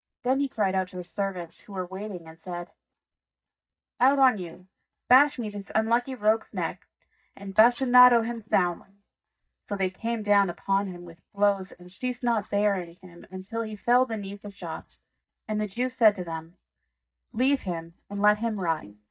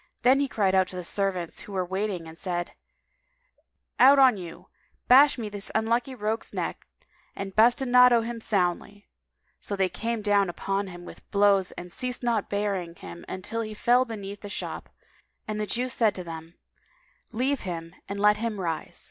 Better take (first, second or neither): second